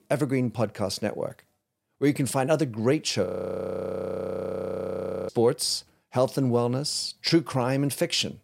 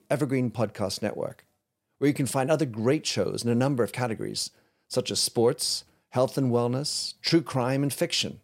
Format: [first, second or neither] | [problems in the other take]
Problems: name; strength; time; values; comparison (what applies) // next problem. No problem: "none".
second | audio freezing; at 3.5 s for 2 s